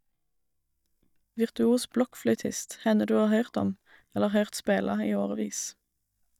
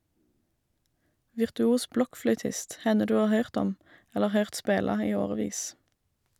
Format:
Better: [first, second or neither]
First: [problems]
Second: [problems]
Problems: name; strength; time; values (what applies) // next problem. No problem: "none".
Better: second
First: noise reduction (neural mask model DeepFilterNet 3)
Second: none